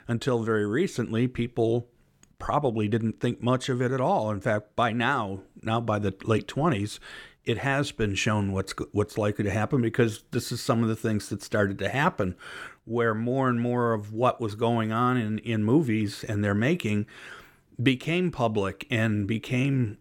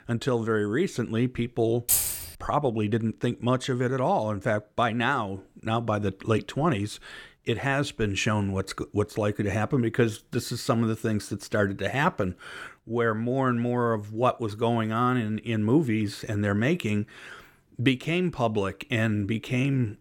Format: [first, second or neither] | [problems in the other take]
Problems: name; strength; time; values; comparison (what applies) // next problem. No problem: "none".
first | jangling keys; loud; at 2 s; peak 4 dB above the speech